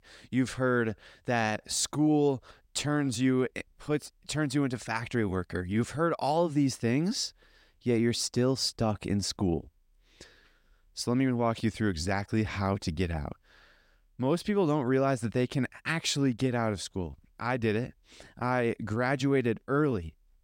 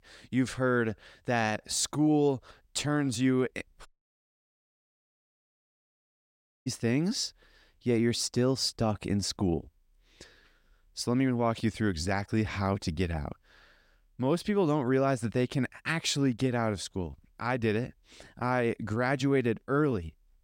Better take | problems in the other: first | audio cutting out; at 4 s for 3 s

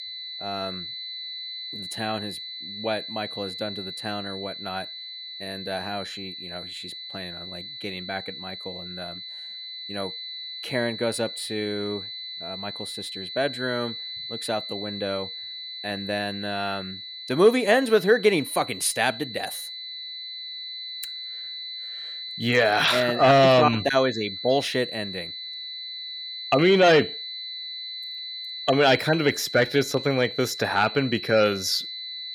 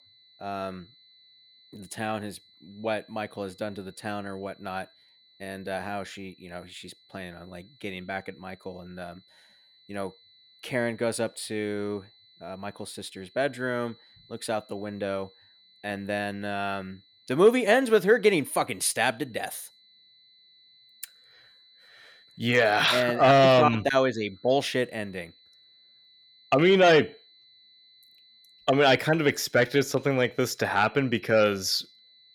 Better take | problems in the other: second | high-pitched whine; loud; throughout; 4 kHz, 10 dB below the speech; faint in the second

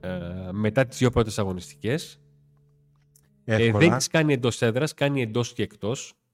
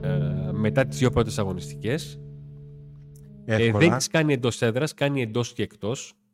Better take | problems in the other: first | background music; loud; throughout; 9 dB below the speech; faint in the first

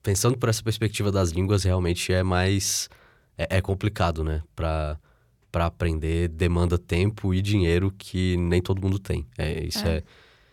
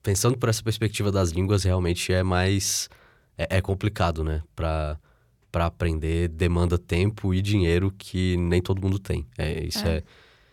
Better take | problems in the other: neither | none

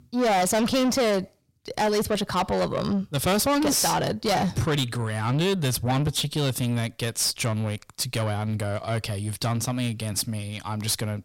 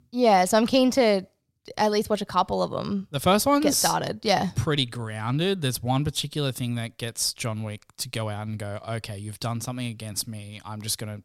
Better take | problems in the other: second | distortion; heavy; 7 dB below the speech

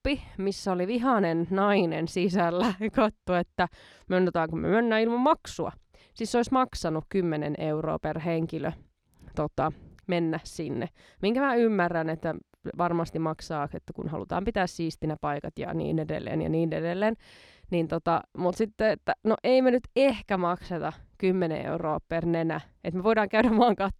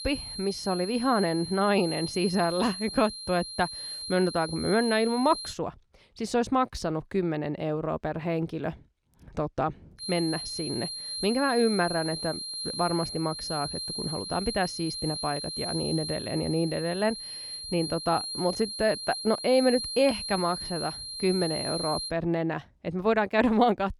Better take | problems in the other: first | high-pitched whine; loud; until 5.5 s and from 10 to 22 s; 4 kHz, 6 dB below the speech

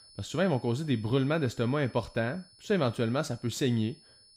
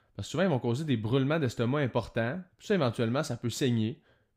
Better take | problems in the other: second | high-pitched whine; faint; throughout; 5 kHz, 25 dB below the speech

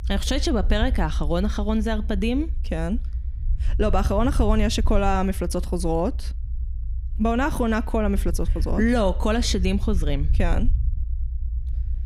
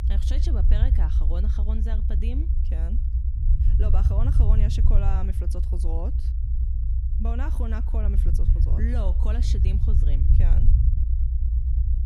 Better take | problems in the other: first | low rumble; loud; throughout; 2 dB below the speech; faint in the first

